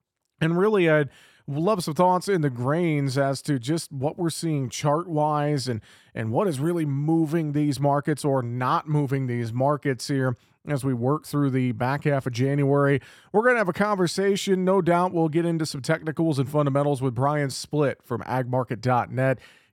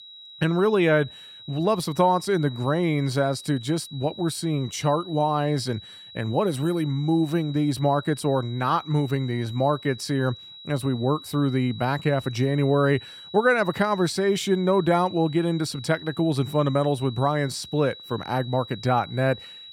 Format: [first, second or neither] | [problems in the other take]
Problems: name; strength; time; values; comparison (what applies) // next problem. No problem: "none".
first | high-pitched whine; noticeable; throughout; 4 kHz, 15 dB below the speech